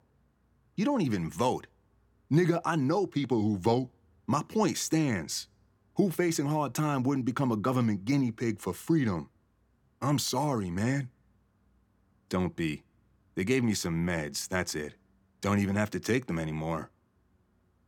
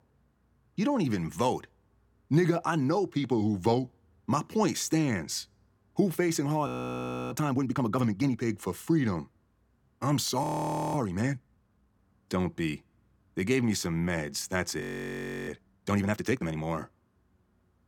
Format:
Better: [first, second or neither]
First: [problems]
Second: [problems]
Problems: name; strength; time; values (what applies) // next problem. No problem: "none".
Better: first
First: none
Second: audio freezing; at 6.5 s for 0.5 s, at 10 s for 0.5 s and at 15 s for 0.5 s